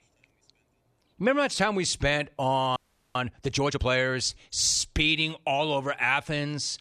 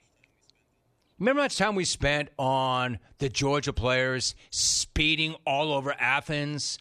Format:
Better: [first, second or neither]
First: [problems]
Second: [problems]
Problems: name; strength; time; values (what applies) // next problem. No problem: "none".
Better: second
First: audio freezing; at 3 s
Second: none